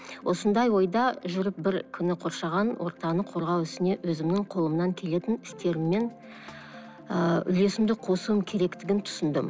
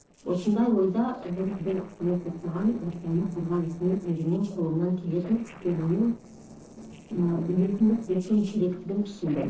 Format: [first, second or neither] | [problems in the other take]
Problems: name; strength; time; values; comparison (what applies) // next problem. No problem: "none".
first | noise reduction (neural separator model SepFormer DNS4)